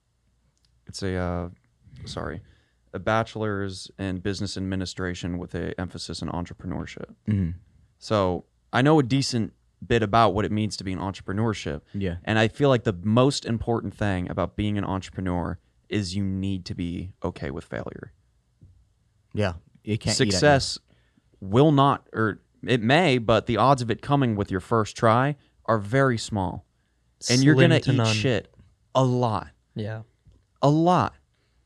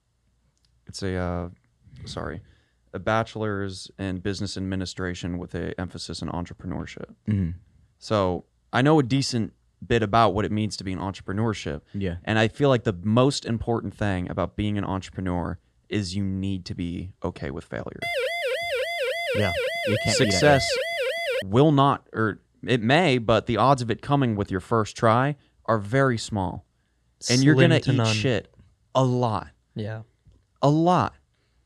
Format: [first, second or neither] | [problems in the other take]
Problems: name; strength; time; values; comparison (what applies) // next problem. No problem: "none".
first | siren; noticeable; from 18 to 21 s; peak 1 dB below the speech